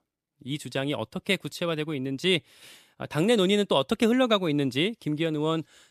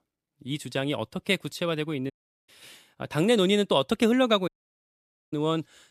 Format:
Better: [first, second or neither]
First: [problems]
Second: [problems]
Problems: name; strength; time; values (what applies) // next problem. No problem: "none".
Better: first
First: none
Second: audio cutting out; at 2 s and at 4.5 s for 1 s